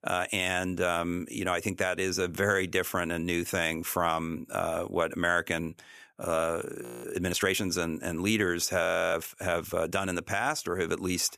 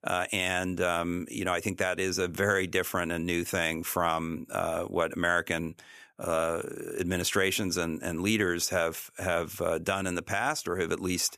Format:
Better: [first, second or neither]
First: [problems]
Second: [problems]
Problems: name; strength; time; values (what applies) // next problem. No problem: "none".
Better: second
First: audio freezing; at 7 s and at 9 s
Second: none